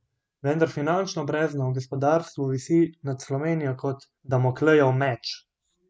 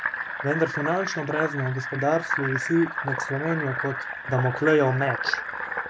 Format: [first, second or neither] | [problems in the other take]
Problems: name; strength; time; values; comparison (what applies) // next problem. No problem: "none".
first | background sound (Fill (with liquid)); 4 dB below the speech